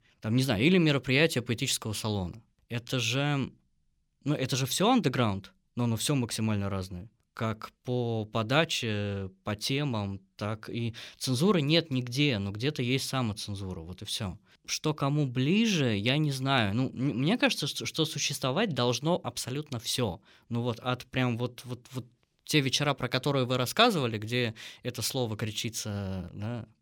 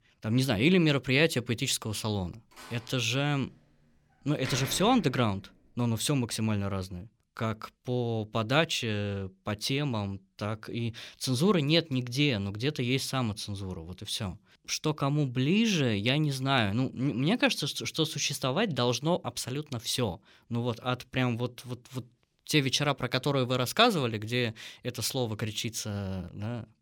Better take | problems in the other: first | door banging; noticeable; from 2.5 to 6 s; peak 8 dB below the speech

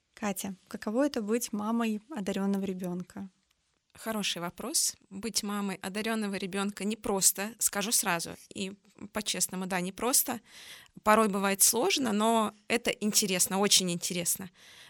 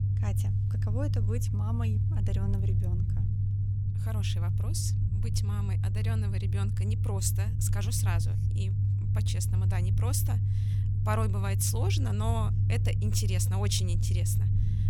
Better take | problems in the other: first | low rumble; loud; throughout; 4 dB below the speech

